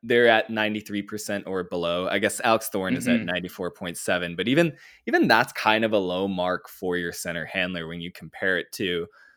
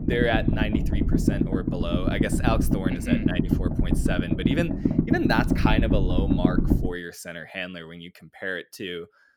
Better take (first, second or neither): first